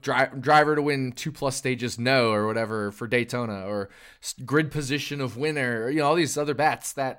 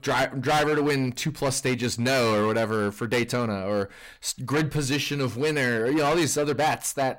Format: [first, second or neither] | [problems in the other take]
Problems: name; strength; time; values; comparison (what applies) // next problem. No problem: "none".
first | distortion; heavy; 17% of the sound clipped